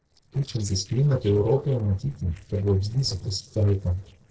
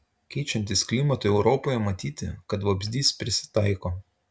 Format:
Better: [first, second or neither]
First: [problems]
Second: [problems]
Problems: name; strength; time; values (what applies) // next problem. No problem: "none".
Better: second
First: noise reduction (neural separator model SepFormer DNS4)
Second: none